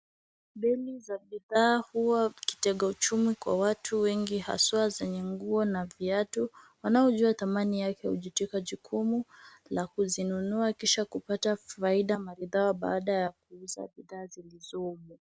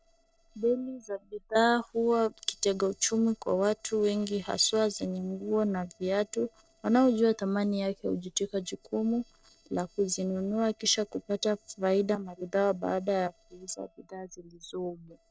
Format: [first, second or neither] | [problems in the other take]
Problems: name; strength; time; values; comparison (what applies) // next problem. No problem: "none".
first | noise reduction (neural separator model SepFormer DNS4)